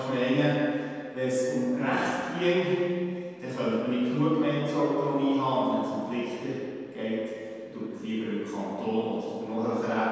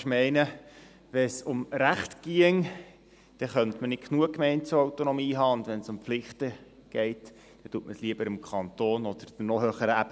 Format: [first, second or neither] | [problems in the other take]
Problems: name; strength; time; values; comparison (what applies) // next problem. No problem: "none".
second | room echo; dies away in 2 s